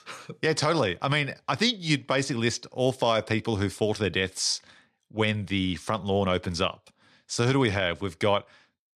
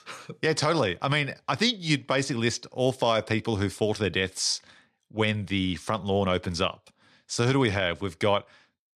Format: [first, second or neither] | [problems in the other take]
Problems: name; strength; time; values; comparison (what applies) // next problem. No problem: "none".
neither | none